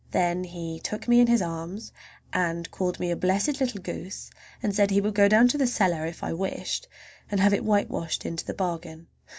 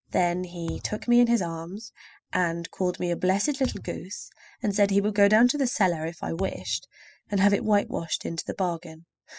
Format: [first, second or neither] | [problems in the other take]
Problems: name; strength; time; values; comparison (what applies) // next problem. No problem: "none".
first | noise reduction (classical method spectral subtraction)